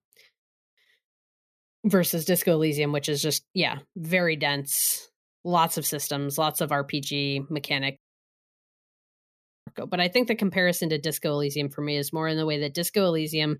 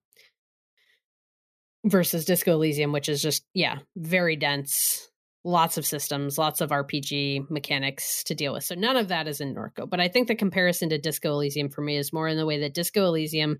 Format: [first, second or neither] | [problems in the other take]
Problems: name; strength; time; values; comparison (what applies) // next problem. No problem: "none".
second | audio cutting out; at 8 s for 1.5 s